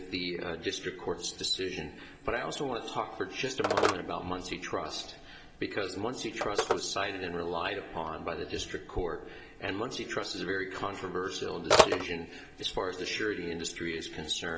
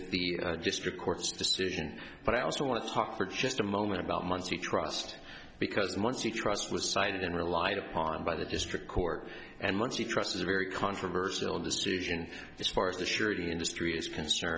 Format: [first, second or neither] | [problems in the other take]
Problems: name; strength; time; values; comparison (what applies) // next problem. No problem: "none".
second | background sound (Telephone); 2 dB below the speech // room echo; dies away in 2.1 s